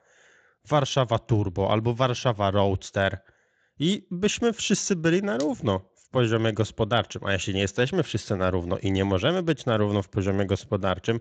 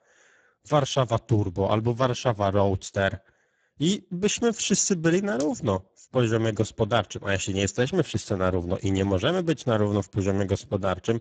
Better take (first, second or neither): first